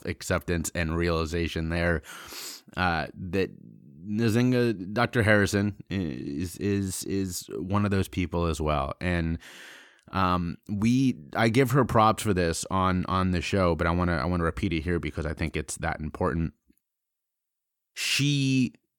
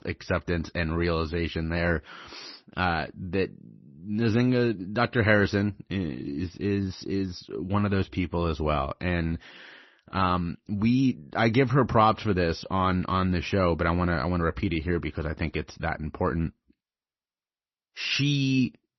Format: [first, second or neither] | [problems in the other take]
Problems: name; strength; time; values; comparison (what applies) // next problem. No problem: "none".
first | garbled, watery; slightly; nothing above 6 kHz